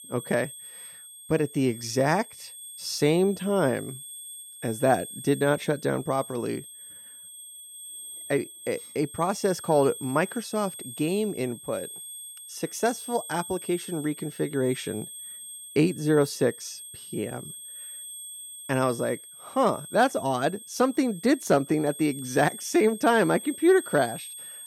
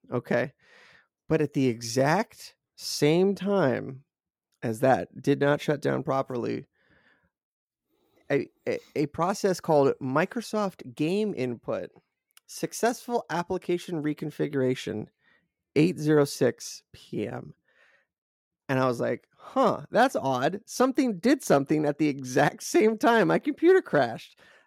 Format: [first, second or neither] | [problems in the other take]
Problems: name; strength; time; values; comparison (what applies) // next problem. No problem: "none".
second | high-pitched whine; noticeable; throughout; 8.5 kHz, 15 dB below the speech